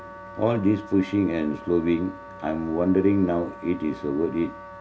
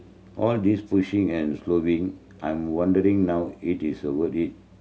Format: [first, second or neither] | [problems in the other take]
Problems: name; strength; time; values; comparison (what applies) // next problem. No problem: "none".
second | background sound (Wind instrument, woodwind instrument); 17 dB below the speech